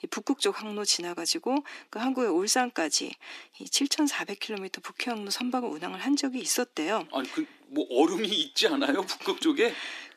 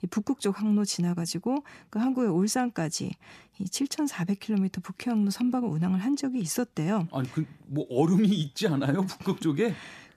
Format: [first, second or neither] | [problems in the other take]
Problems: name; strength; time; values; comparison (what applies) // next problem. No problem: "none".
second | thin; somewhat; fading below 300 Hz